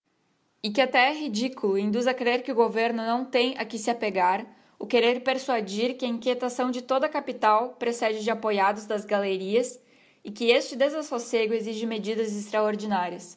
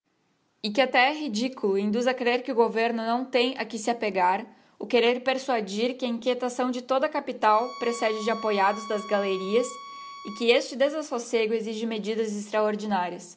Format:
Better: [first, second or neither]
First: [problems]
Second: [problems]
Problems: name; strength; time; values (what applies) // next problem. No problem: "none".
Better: first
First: none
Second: background sound (Bowed string instrument); 14 dB below the speech